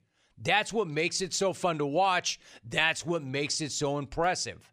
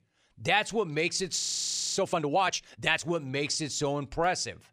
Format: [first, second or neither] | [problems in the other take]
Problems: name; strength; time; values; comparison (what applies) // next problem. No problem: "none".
first | audio freezing; at 1.5 s for 0.5 s